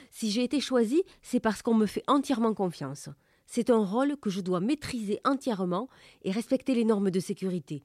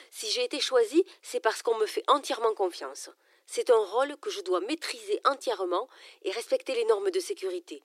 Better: first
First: none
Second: thin; very; fading below 350 Hz

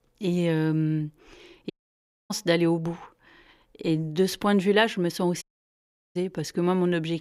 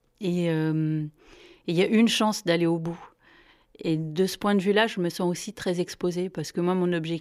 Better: second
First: audio cutting out; at 1.5 s for 0.5 s and at 5.5 s for 0.5 s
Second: none

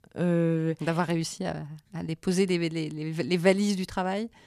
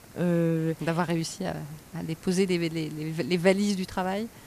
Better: first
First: none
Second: hiss; faint; throughout; 20 dB below the speech

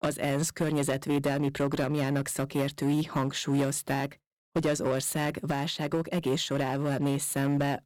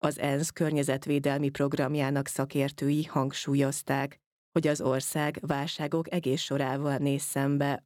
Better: second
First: distortion; slight; 7% of the sound clipped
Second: none

